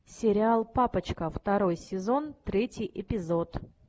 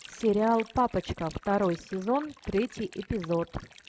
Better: first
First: none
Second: noise reduction (neural mask model RNNoise)

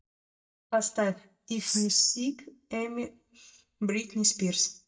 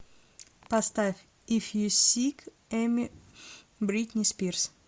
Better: second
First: noise reduction (neural mask model DeepFilterNet 3)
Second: none

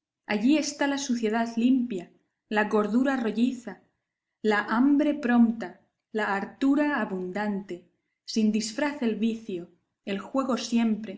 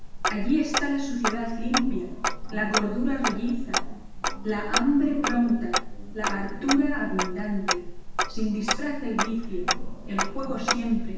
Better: first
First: none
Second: background sound (Tick-tock); as loud as the speech // room echo; dies away in 0.9 s

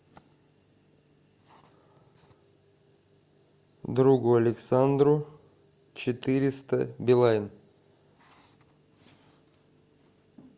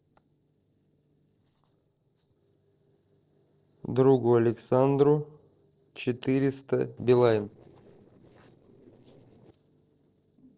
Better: first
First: none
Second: noise reduction (neural separator model SepFormer DNS4)

